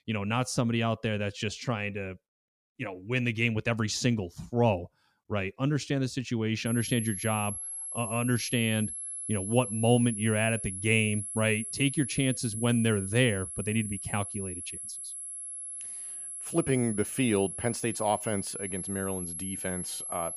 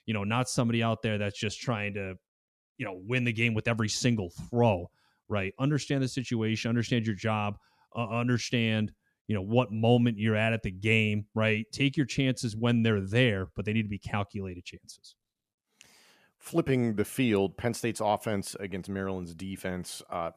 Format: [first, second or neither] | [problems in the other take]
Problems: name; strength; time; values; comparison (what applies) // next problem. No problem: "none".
second | high-pitched whine; loud; from 6.5 s on; 11 kHz, 6 dB below the speech